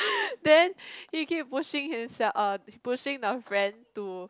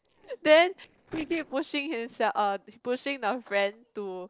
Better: first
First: none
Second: noise reduction (neural separator model SepFormer DNS4)

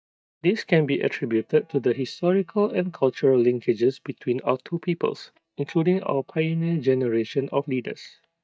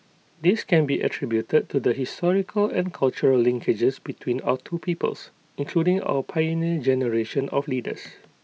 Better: second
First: noise reduction (neural mask model DeepFilterNet 3)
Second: none

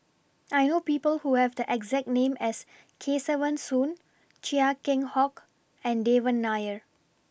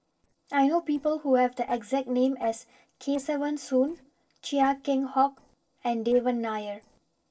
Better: first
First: none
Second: noise reduction (neural separator model SepFormer DNS4)

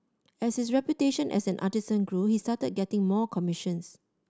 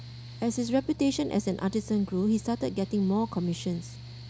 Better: first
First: none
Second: background sound (Mechanical fan); 14 dB below the speech

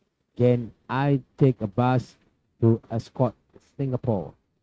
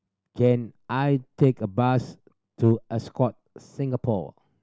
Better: second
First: noise reduction (neural mask model RNNoise)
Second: none

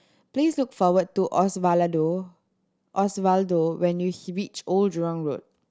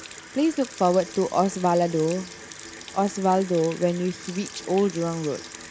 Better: first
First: none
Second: background sound (Sink (filling or washing) / Water tap, faucet); 16 dB below the speech

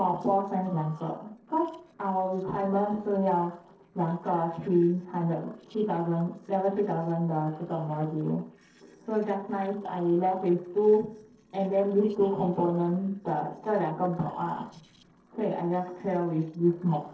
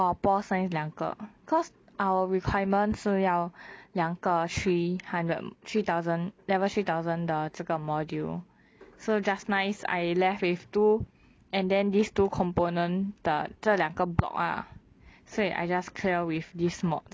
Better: second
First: noise reduction (neural separator model SepFormer DNS4)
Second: none

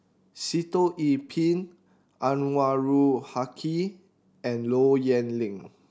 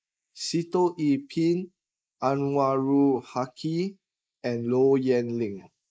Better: first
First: none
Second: noise reduction (neural mask model Resemble Enhance denoiser)

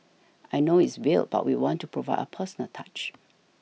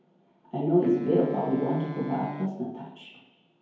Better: first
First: none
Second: background sound (Wind instrument, woodwind instrument); 12 dB below the speech // room echo; dies away in 1 s

